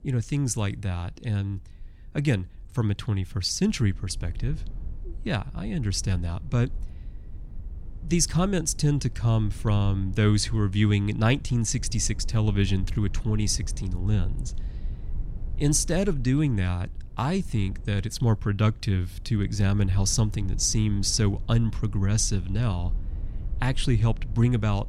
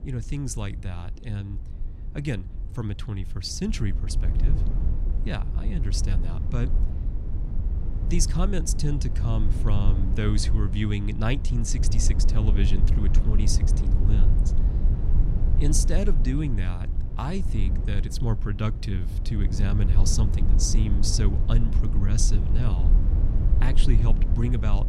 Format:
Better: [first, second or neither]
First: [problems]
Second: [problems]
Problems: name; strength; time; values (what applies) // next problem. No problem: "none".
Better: first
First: low rumble; faint; throughout; 25 dB below the speech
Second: low rumble; loud; throughout; 7 dB below the speech